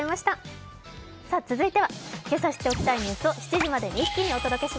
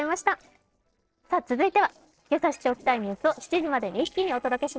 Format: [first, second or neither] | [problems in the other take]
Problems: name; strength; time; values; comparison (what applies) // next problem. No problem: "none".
first | noise reduction (neural separator model SepFormer DNS4)